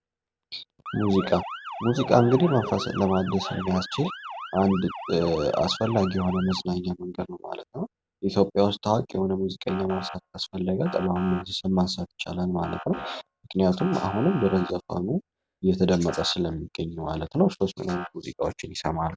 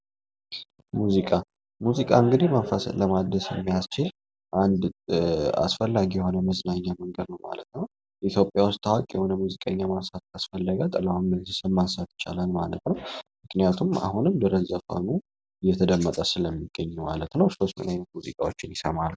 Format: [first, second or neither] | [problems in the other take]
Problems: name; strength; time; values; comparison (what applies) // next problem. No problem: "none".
second | background sound (Motor vehicle (road) / Siren); 14 dB below the speech